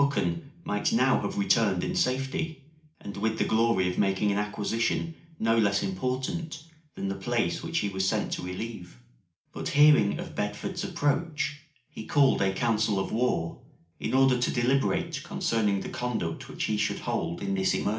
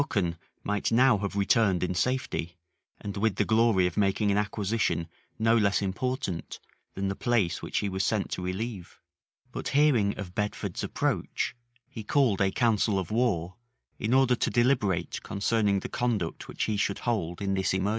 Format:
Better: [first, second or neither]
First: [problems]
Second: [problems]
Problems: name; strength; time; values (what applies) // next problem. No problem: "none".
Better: second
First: room echo; dies away in 0.4 s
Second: none